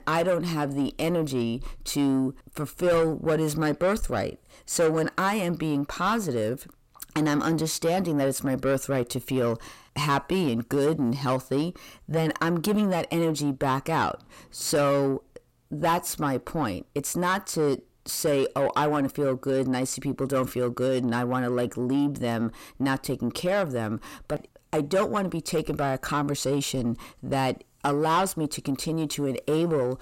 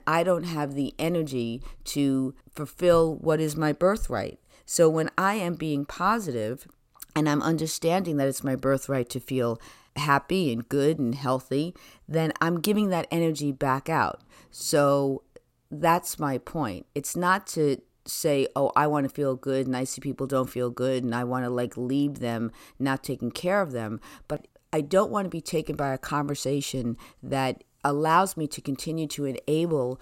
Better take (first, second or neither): second